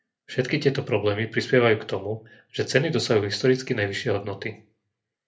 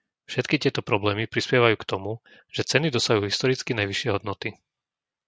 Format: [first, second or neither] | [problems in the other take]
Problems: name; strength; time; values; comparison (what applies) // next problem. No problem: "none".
second | room echo; dies away in 0.3 s